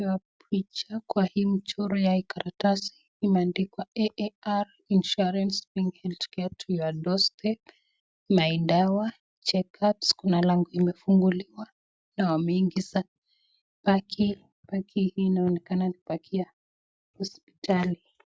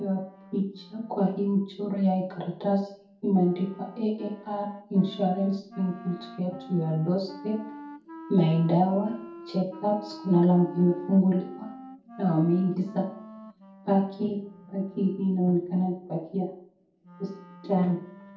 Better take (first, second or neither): first